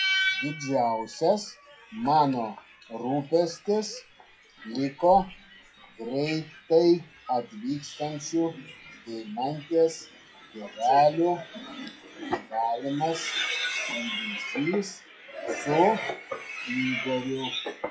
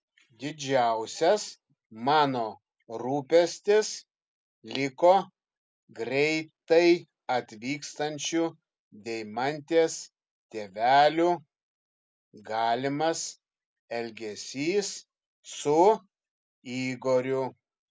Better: second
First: noise reduction (classical method WPE with log-MMSE)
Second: none

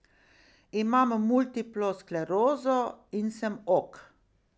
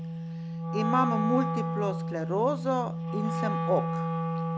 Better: first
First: none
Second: background sound (Wind instrument, woodwind instrument); as loud as the speech

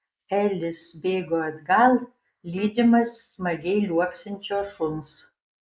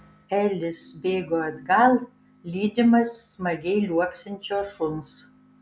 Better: second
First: noise reduction (neural mask model Resemble Enhance denoiser)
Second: none

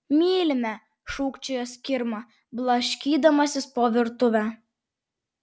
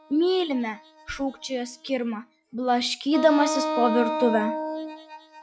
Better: first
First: none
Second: noise reduction (classical method log-MMSE)

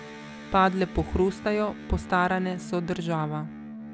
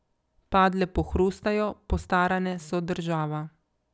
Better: second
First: background sound (Electric guitar); 13 dB below the speech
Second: none

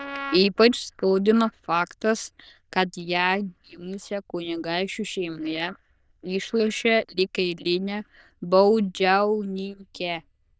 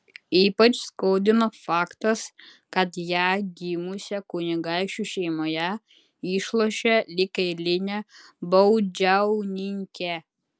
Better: second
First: noise reduction (neural diffusion model UNIVERSE++)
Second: none

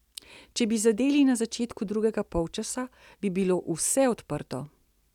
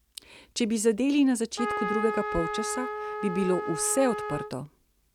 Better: first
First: none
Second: background sound (Trumpet); 5 dB below the speech

